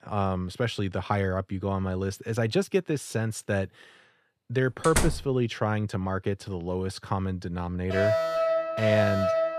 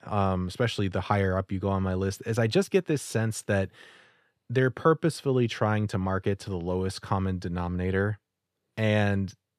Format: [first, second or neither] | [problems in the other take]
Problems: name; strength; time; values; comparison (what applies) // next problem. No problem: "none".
second | door banging; loud; at 5 s; peak 1 dB above the speech // alarm; loud; from 8 s on; peak 4 dB above the speech